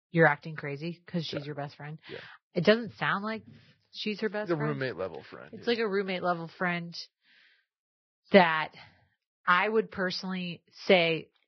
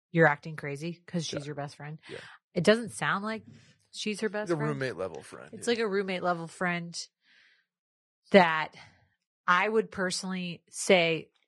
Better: second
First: garbled, watery; badly; nothing above 5.5 kHz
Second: garbled, watery; slightly; nothing above 10.5 kHz

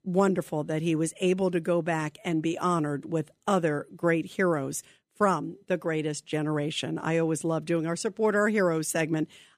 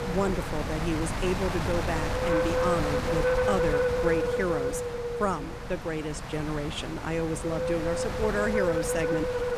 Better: first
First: none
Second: wind noise on the microphone; heavy; 2 dB above the speech

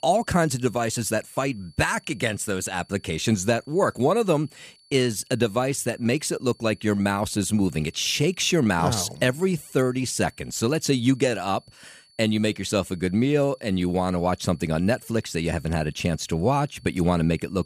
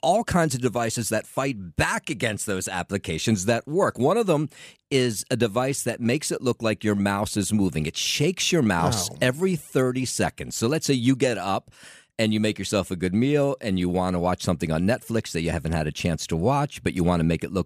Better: second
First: high-pitched whine; faint; throughout; 4.5 kHz, 30 dB below the speech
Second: none

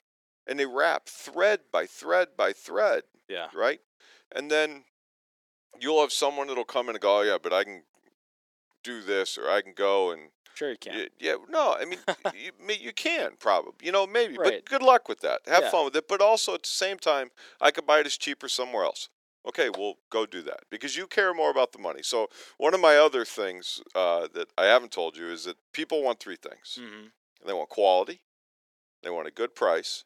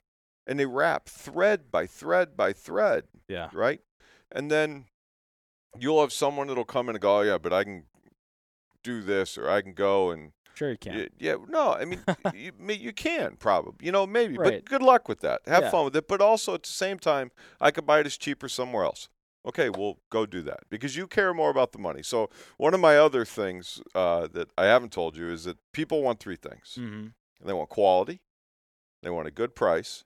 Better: second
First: thin; somewhat; fading below 350 Hz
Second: none

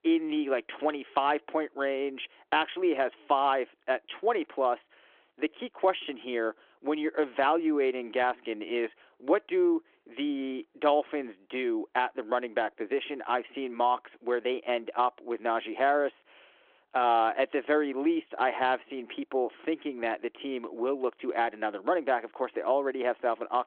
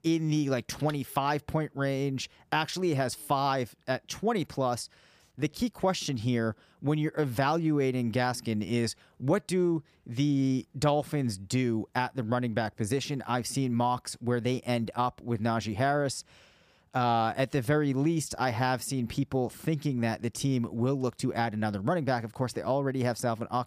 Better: second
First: phone-call audio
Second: none

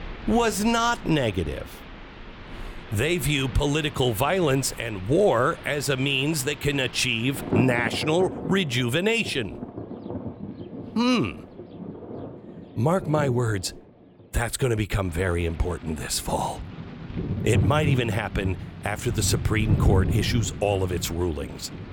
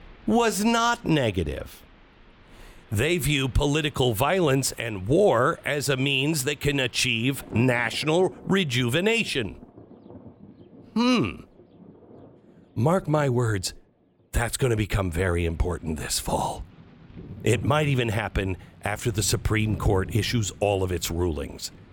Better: second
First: rain or running water; loud; throughout; 8 dB below the speech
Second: rain or running water; faint; throughout; 20 dB below the speech

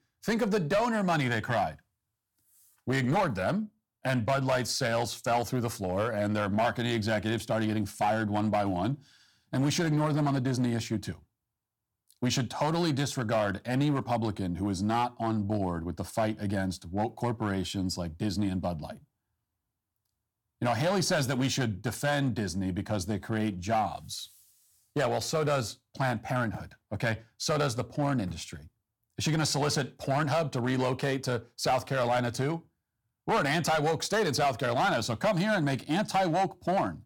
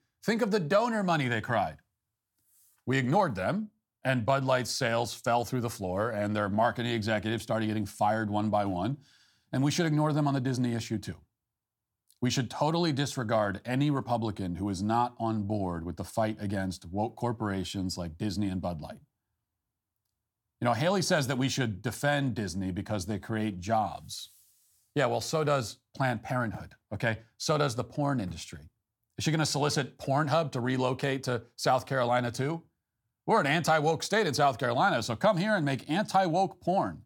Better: second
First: distortion; slight; 6% of the sound clipped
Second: none

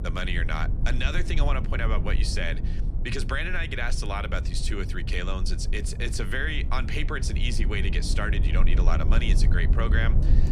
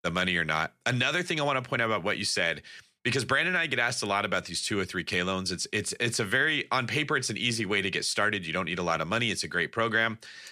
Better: second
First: low rumble; noticeable; throughout; 10 dB below the speech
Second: none

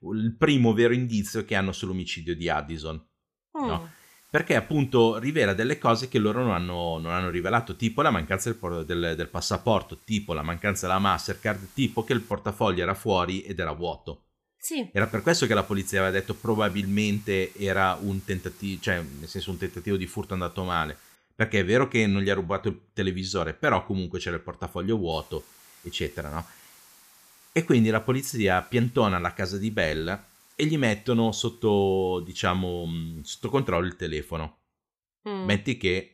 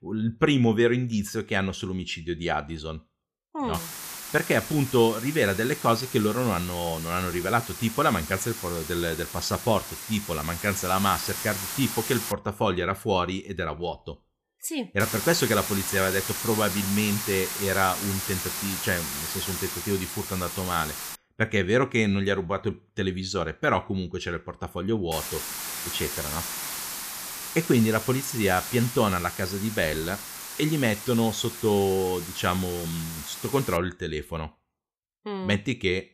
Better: first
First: hiss; faint; from 3.5 to 12 s, from 15 to 21 s and from 25 to 34 s; 25 dB below the speech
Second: hiss; loud; from 3.5 to 12 s, from 15 to 21 s and from 25 to 34 s; 6 dB below the speech

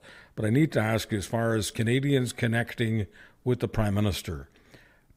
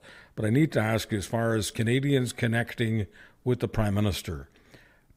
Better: neither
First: none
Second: none

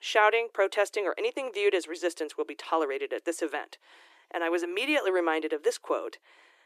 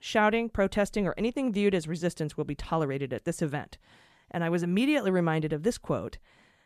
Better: second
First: thin; very; fading below 300 Hz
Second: none

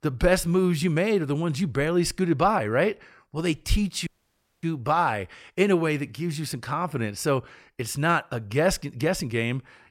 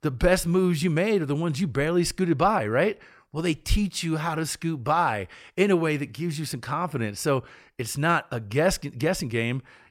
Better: second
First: audio cutting out; at 4 s for 0.5 s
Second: none

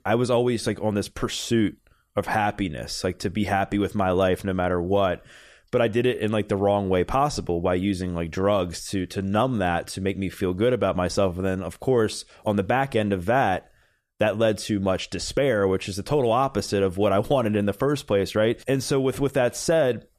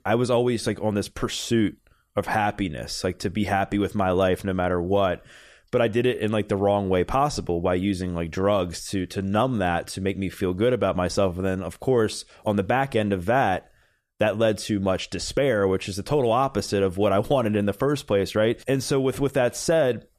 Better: neither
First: none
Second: none

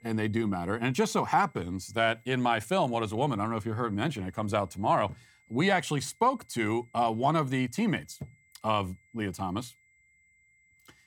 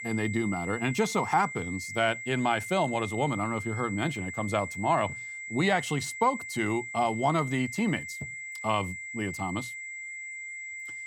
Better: first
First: high-pitched whine; faint; throughout; 2 kHz, 35 dB below the speech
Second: high-pitched whine; loud; throughout; 2 kHz, 8 dB below the speech

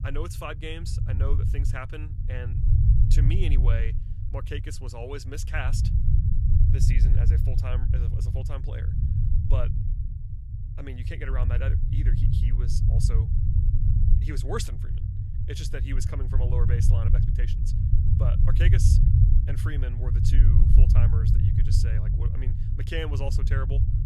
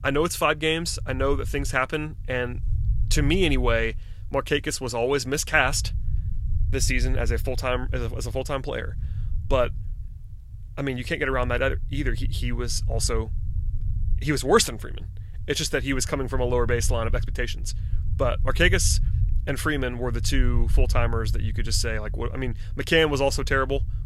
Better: second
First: low rumble; loud; throughout; 2 dB below the speech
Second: low rumble; faint; throughout; 20 dB below the speech

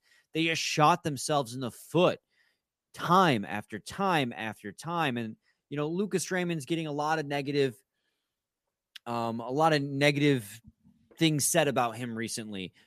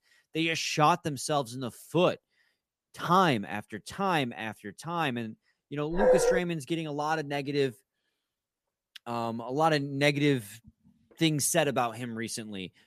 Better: first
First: none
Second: dog barking; loud; at 6 s; peak 5 dB above the speech

